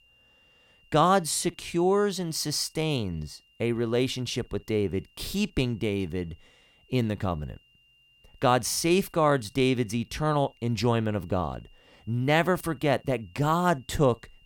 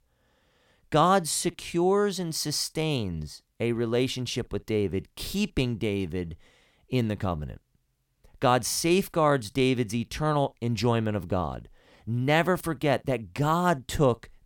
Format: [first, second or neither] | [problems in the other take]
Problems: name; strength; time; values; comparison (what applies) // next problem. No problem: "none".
second | high-pitched whine; faint; throughout; 3 kHz, 35 dB below the speech